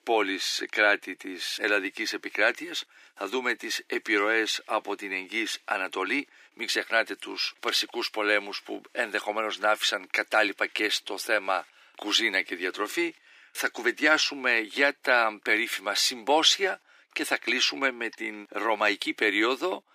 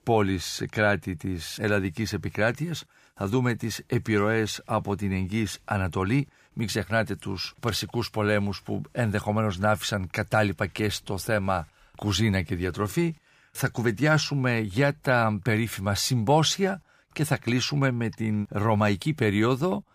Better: second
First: thin; very; fading below 300 Hz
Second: none

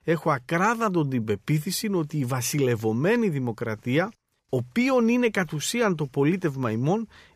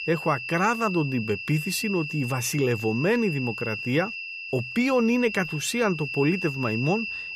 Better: first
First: none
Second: high-pitched whine; loud; throughout; 2.5 kHz, 6 dB below the speech

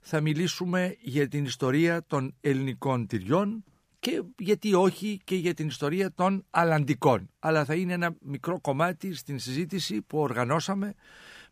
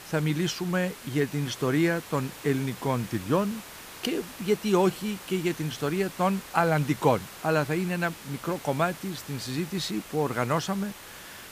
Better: first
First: none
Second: hiss; noticeable; throughout; 15 dB below the speech

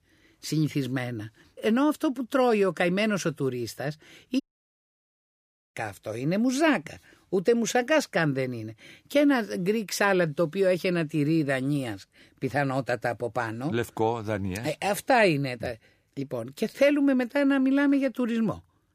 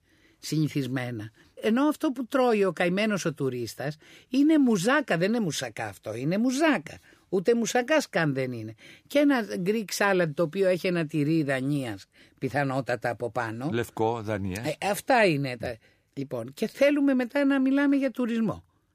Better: second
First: audio cutting out; at 4.5 s for 1.5 s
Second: none

